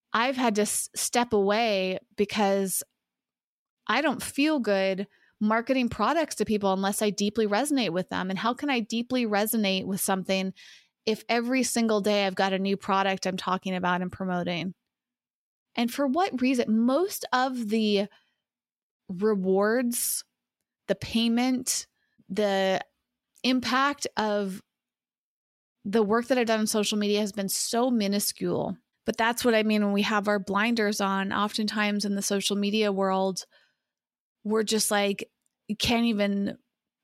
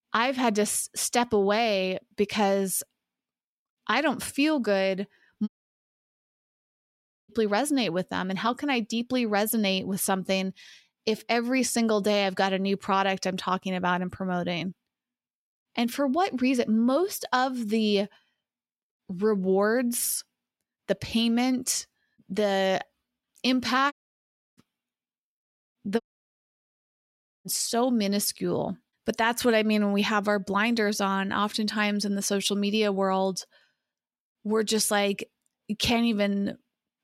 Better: first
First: none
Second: audio cutting out; at 5.5 s for 2 s, at 24 s for 0.5 s and at 26 s for 1.5 s

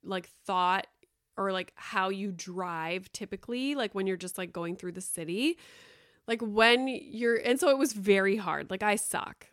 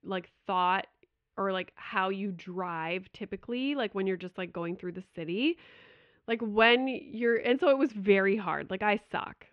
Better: first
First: none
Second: muffled; very; fading above 3 kHz

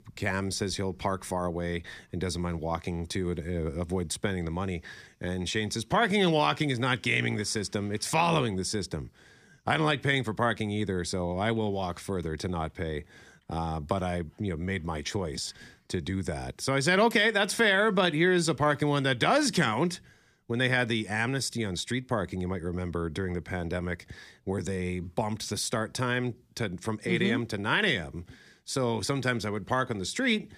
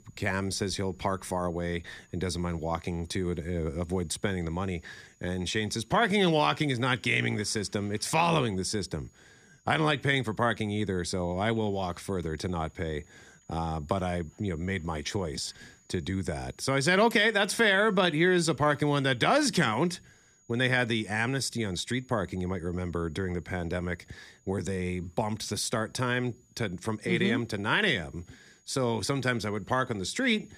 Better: first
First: none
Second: high-pitched whine; faint; throughout; 6.5 kHz, 35 dB below the speech

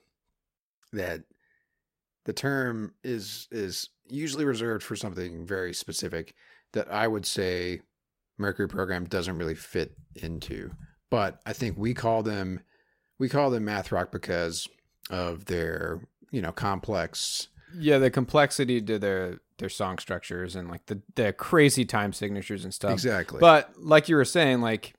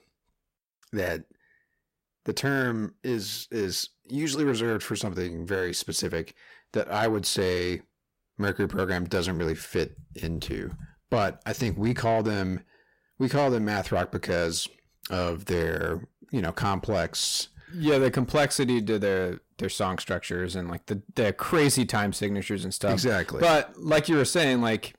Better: first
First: none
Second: distortion; heavy; 7 dB below the speech

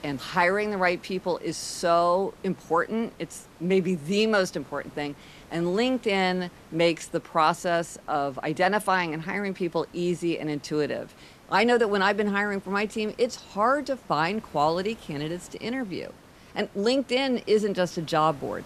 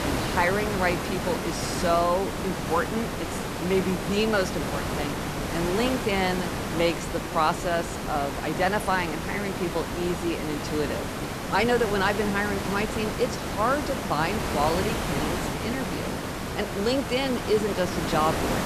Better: first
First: hiss; faint; throughout; 25 dB below the speech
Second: hiss; loud; throughout; 3 dB below the speech

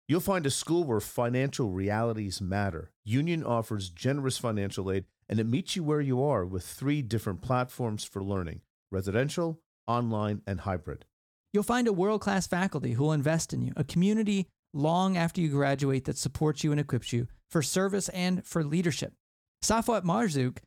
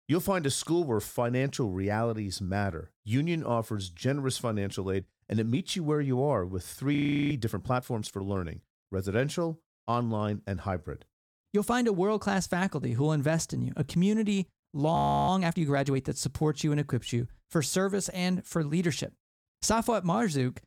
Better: first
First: none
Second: audio freezing; at 7 s and at 15 s

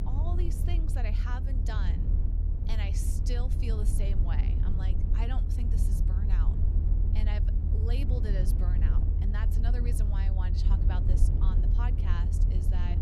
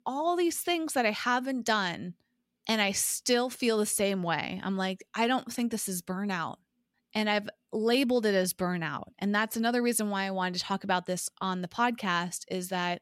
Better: second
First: low rumble; loud; throughout; 2 dB below the speech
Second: none

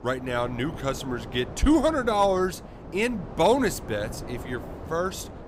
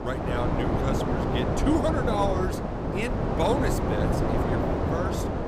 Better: first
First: wind noise on the microphone; occasional gusts; 15 dB below the speech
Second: wind noise on the microphone; heavy; 1 dB above the speech

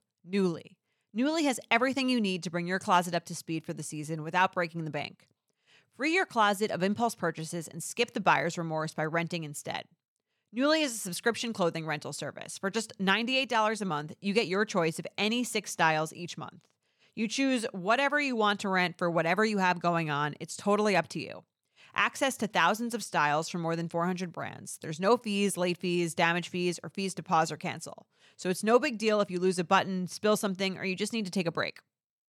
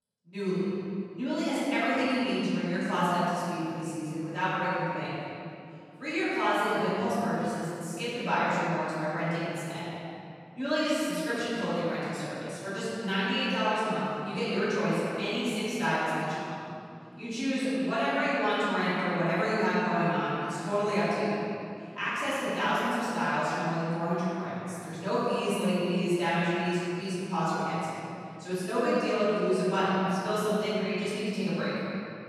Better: first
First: none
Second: off-mic speech; far // room echo; strong; dies away in 2.4 s

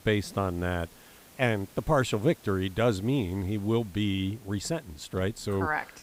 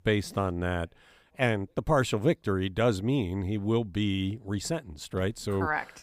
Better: second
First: hiss; faint; throughout; 25 dB below the speech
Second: none

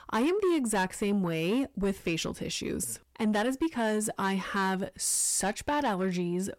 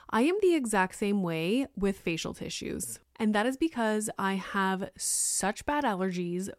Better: second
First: distortion; slight; 10 dB below the speech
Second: none

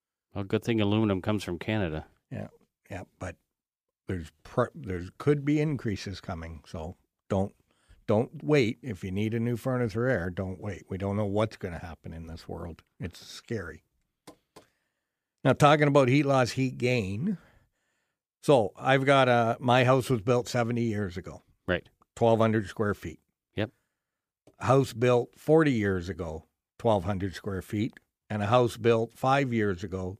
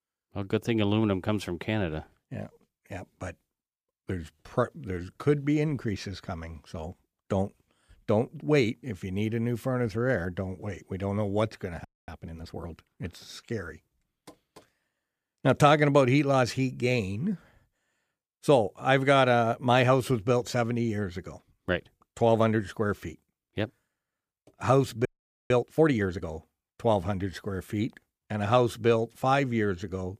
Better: first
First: none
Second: audio freezing; at 12 s and at 25 s

